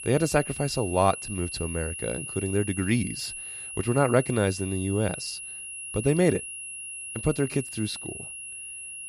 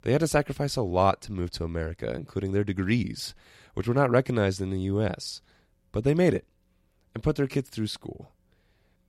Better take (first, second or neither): second